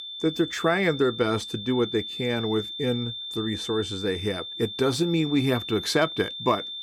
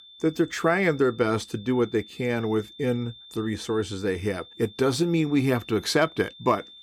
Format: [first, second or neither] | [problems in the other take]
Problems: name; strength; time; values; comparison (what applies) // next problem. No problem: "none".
second | high-pitched whine; loud; throughout; 3.5 kHz, 7 dB below the speech; faint in the second